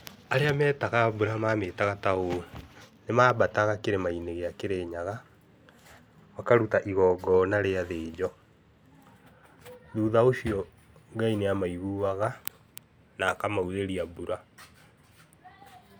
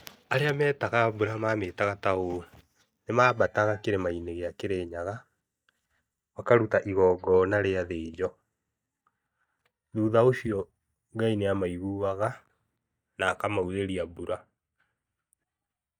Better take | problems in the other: first | noise reduction (neural mask model DeepFilterNet 3)

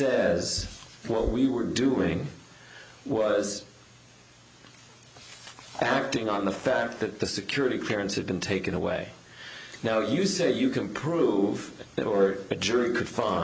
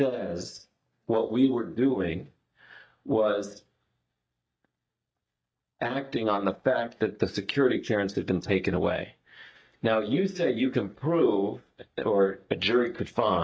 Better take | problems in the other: first | noise reduction (neural mask model DeepFilterNet 3)

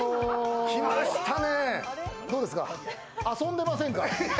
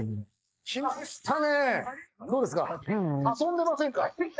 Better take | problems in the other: first | noise reduction (neural mask model Resemble Enhance denoiser)

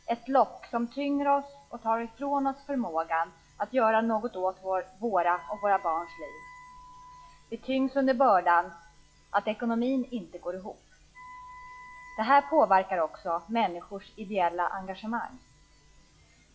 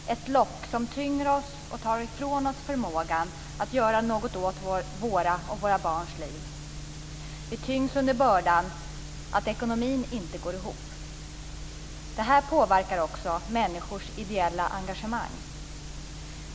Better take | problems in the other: second | noise reduction (classical method log-MMSE)

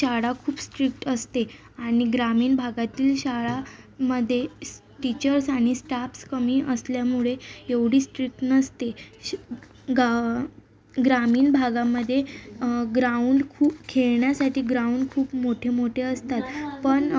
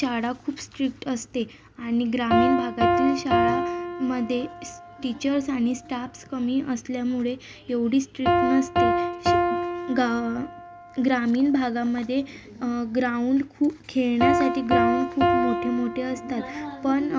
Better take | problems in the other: first | background sound (Piano); 2 dB below the speech

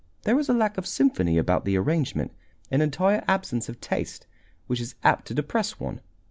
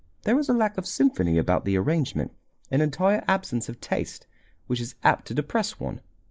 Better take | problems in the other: first | noise reduction (neural mask model Resemble Enhance denoiser)

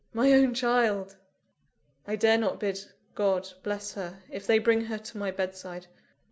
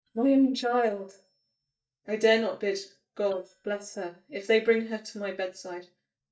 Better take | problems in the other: first | noise reduction (neural mask model DeepFilterNet 3)

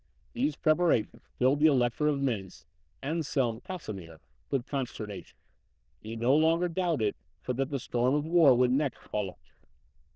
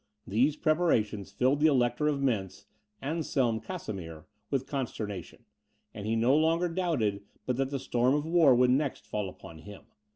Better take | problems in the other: second | noise reduction (neural diffusion model UNIVERSE++)

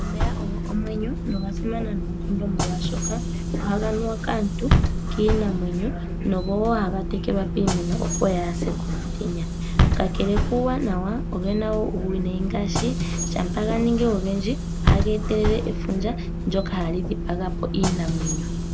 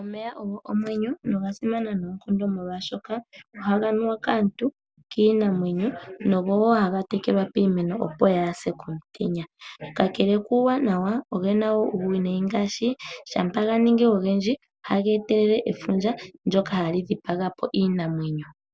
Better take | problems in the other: second | background sound (Bus / Engine); 2 dB above the speech

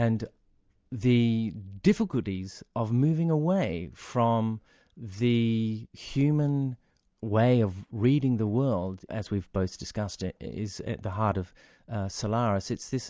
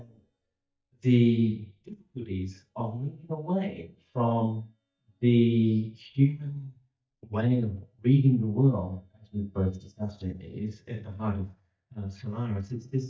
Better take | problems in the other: first | noise reduction (neural mask model DeepFilterNet 3)

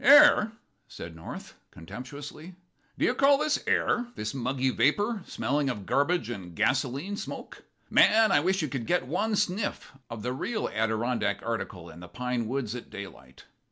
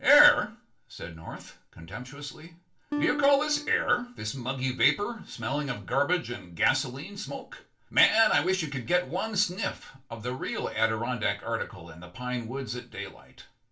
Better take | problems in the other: first | background sound (Acoustic guitar); 5 dB below the speech // room echo; dies away in 0.2 s

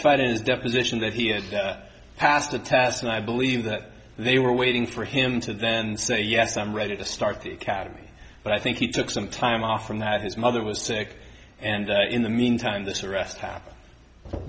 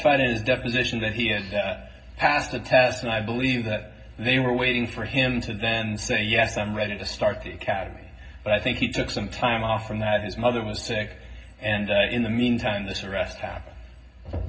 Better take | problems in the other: first | room echo; dies away in 0.4 s

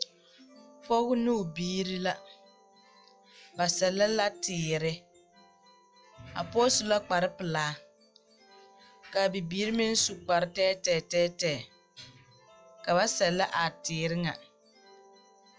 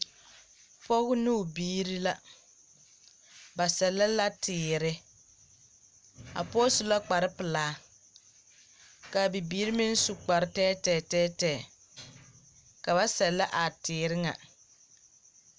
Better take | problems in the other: second | noise reduction (classical method log-MMSE)

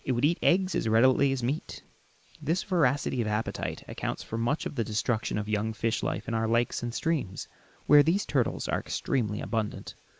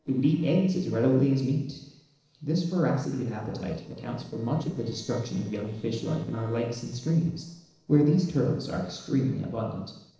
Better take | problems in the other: first | noise reduction (neural separator model SepFormer DNS4)

